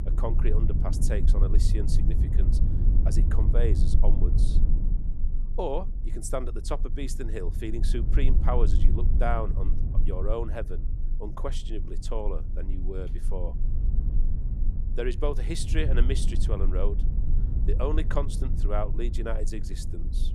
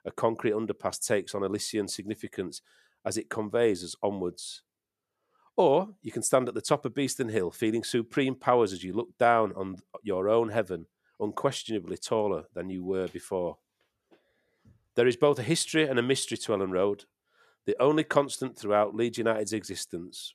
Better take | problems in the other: second | low rumble; loud; throughout; 9 dB below the speech

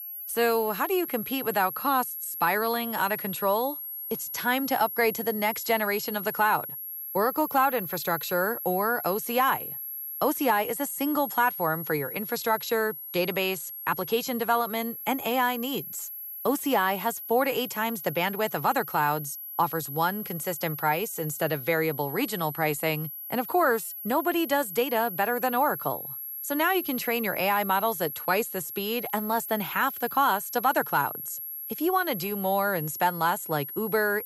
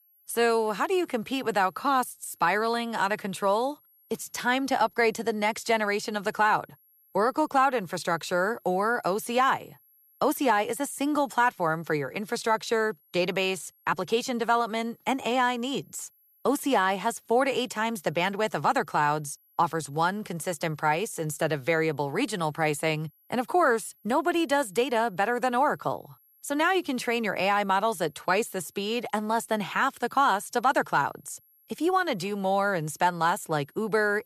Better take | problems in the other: second | high-pitched whine; loud; throughout; 11.5 kHz, 7 dB below the speech; faint in the second

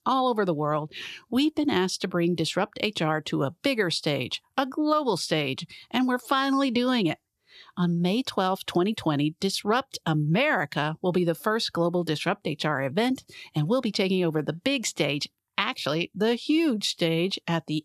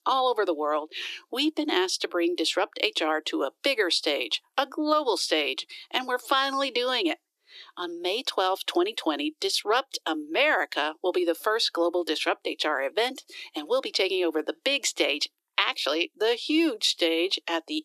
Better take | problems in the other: first | thin; very; fading below 300 Hz

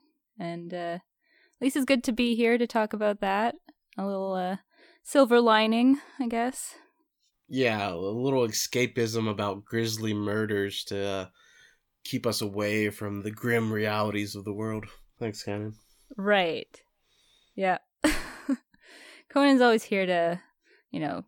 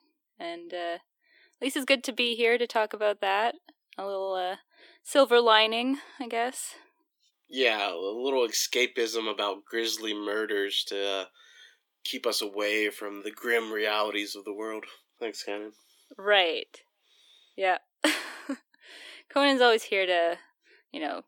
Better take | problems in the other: first | thin; somewhat; fading below 300 Hz

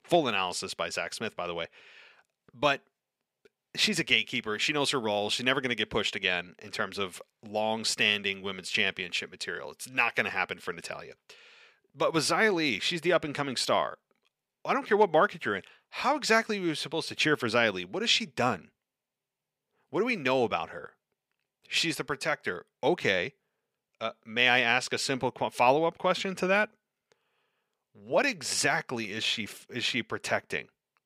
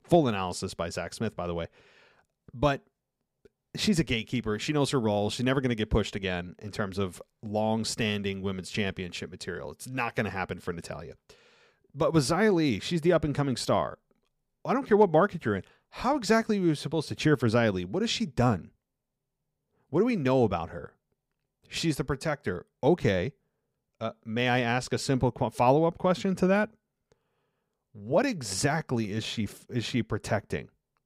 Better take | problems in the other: second | thin; somewhat; fading below 1 kHz

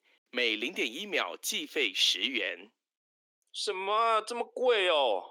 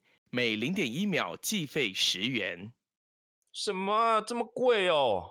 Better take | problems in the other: second | thin; somewhat; fading below 300 Hz

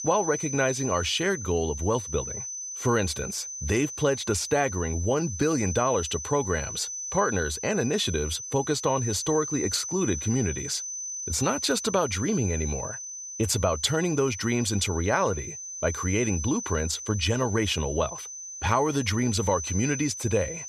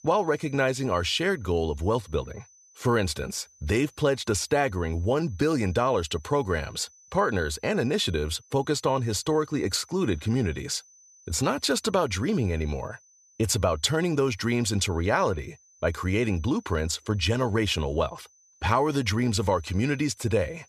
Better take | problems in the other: second | high-pitched whine; loud; throughout; 6 kHz, 7 dB below the speech; faint in the second

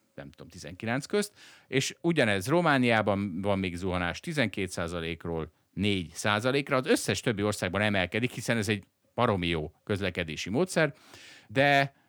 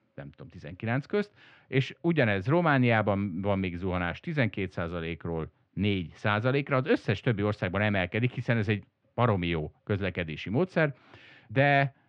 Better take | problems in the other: first | muffled; slightly; fading above 3 kHz

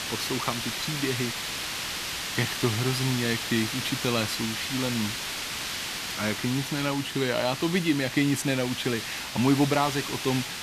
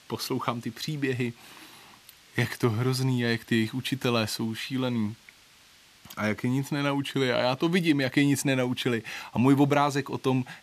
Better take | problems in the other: second | hiss; loud; throughout; 3 dB below the speech; faint in the second

